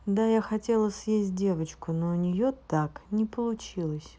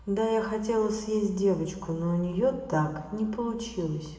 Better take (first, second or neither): first